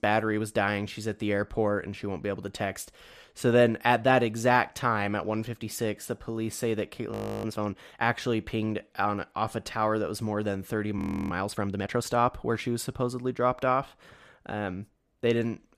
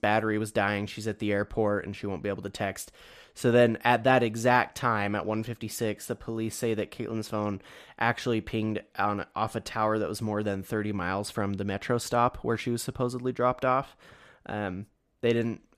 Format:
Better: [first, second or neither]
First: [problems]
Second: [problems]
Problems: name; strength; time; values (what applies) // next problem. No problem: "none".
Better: second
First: audio freezing; at 7 s and at 11 s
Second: none